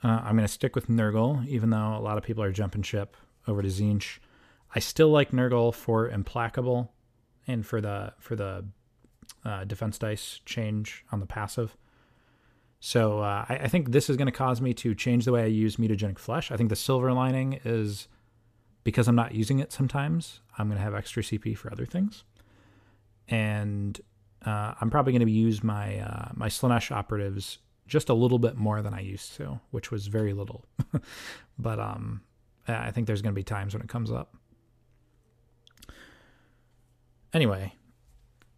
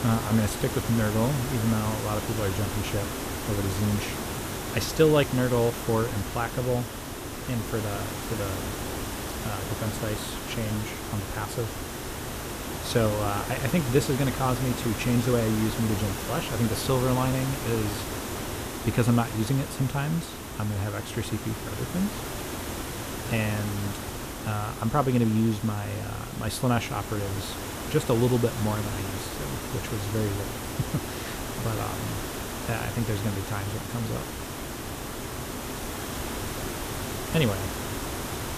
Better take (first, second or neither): first